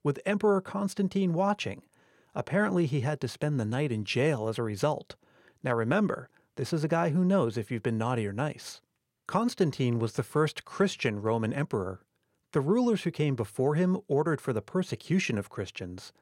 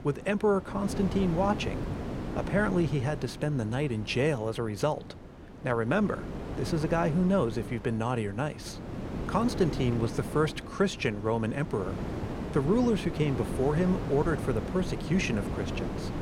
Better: first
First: none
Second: wind noise on the microphone; heavy; 9 dB below the speech

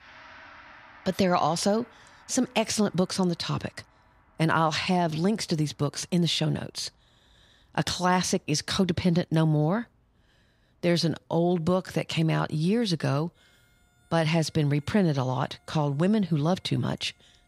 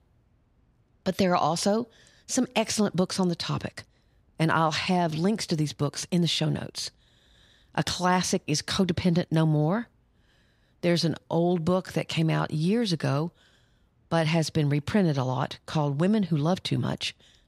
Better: second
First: background music; faint; throughout; 30 dB below the speech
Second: none

